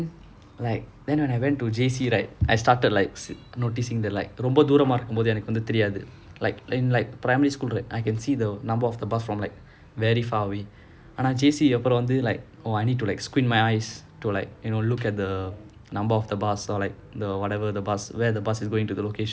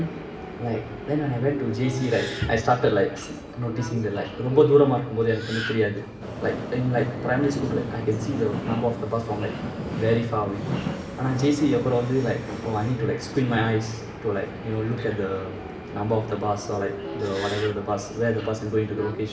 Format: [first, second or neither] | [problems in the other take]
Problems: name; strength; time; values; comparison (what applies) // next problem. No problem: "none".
first | background sound (Subway, metro, underground); 9 dB below the speech // room echo; dies away in 0.8 s